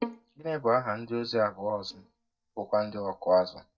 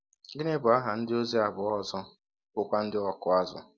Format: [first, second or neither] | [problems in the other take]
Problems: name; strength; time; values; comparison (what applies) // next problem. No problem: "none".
second | noise reduction (neural mask model DeepFilterNet 3)